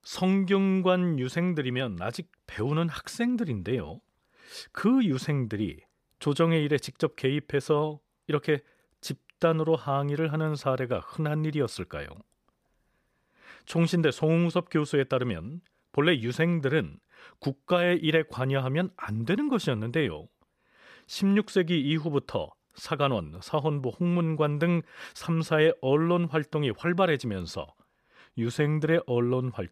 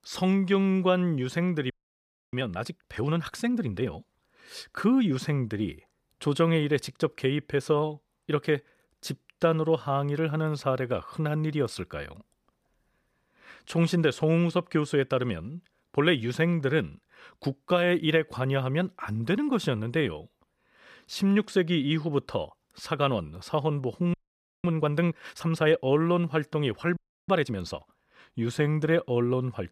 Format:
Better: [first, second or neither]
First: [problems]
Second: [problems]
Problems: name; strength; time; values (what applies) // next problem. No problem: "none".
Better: first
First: none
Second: audio freezing; at 1.5 s for 0.5 s, at 24 s for 0.5 s and at 27 s